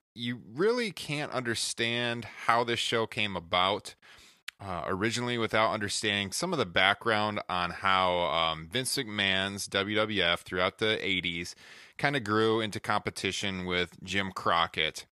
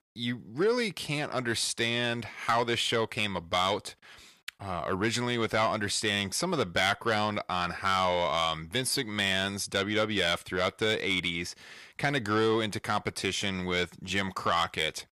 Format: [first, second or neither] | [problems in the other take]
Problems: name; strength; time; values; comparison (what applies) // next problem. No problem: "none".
first | distortion; slight; 10 dB below the speech